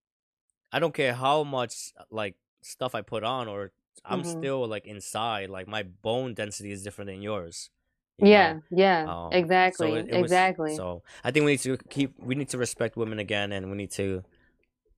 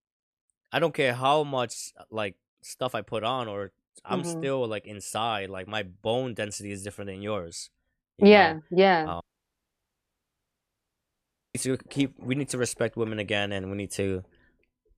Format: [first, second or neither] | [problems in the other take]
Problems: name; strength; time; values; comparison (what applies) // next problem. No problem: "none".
first | audio cutting out; at 9 s for 2.5 s